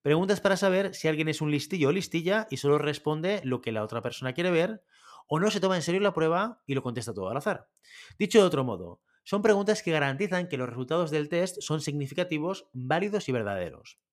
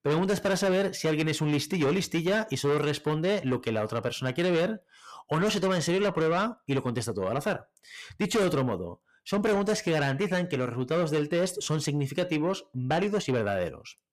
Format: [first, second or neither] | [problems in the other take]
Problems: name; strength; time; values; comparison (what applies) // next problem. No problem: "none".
first | distortion; heavy; 8 dB below the speech